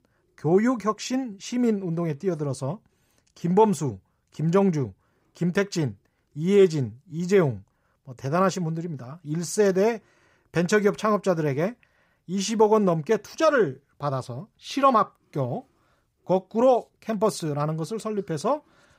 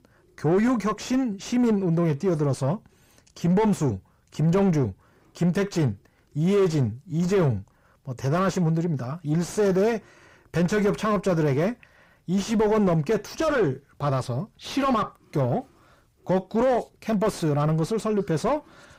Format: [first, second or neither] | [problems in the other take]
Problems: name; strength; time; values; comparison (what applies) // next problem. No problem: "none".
first | distortion; heavy; 6 dB below the speech